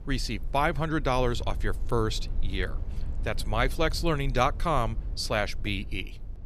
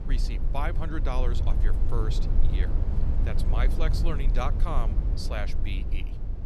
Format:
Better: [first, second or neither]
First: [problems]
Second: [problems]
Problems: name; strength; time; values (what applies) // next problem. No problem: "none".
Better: first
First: low rumble; faint; throughout; 25 dB below the speech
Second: low rumble; loud; throughout; 7 dB below the speech